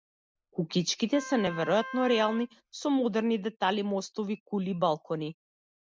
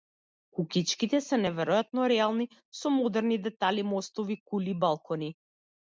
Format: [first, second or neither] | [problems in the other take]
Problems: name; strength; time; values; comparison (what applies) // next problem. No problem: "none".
second | background sound (Wind instrument, woodwind instrument); 13 dB below the speech